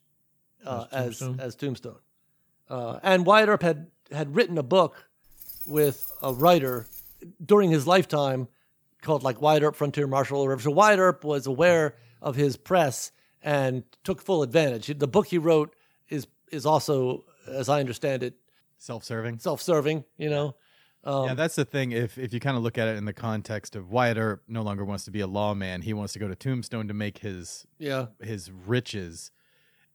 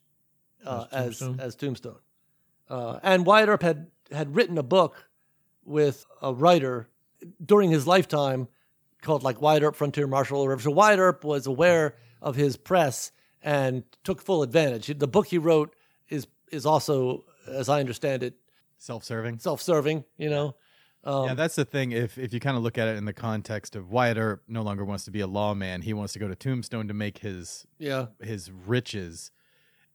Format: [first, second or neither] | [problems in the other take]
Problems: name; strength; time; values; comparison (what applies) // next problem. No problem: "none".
second | jangling keys; noticeable; from 5.5 to 7 s; peak 7 dB below the speech